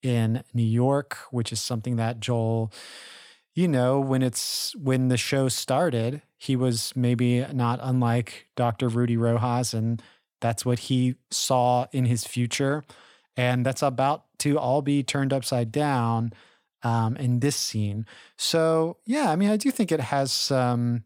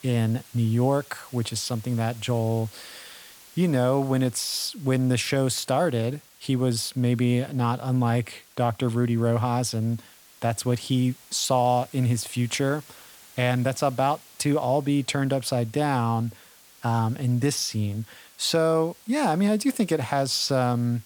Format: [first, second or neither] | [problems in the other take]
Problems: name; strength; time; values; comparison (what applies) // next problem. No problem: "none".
first | hiss; faint; throughout; 25 dB below the speech